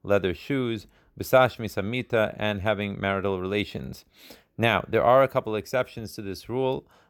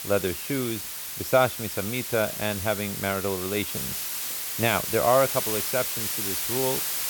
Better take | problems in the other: first | hiss; loud; throughout; 2 dB below the speech

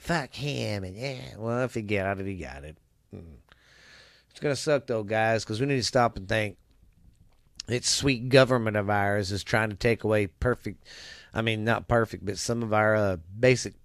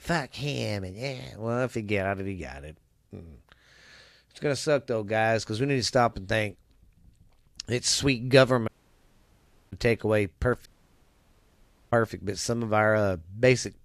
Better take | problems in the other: first | audio cutting out; at 8.5 s for 1 s and at 11 s for 1.5 s

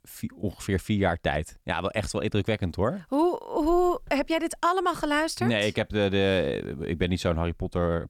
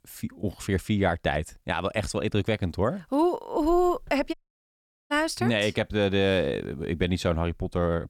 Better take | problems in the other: first | audio cutting out; at 4.5 s for 1 s

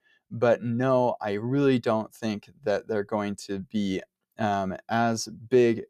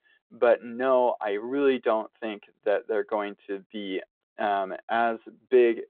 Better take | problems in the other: first | phone-call audio

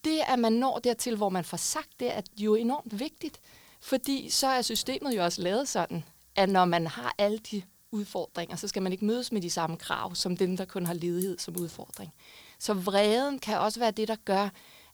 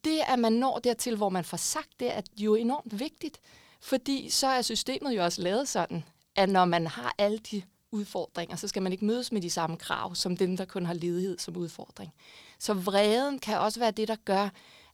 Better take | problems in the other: second | hiss; noticeable; throughout; 20 dB below the speech

